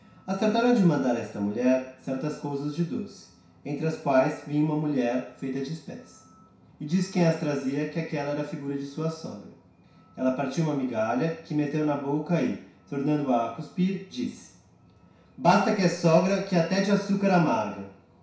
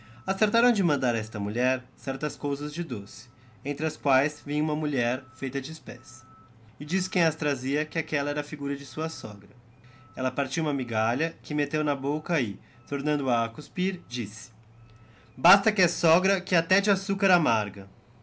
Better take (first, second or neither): second